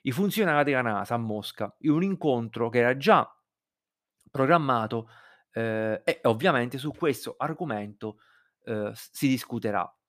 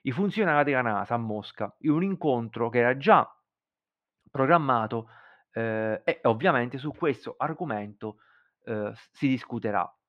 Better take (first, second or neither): first